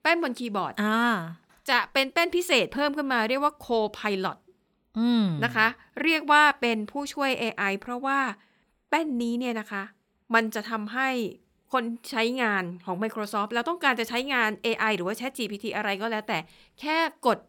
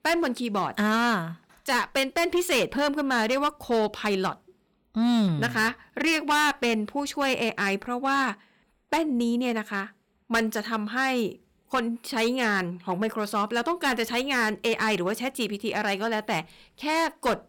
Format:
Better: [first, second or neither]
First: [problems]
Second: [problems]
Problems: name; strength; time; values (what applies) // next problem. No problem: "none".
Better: first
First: none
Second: distortion; heavy; 8% of the sound clipped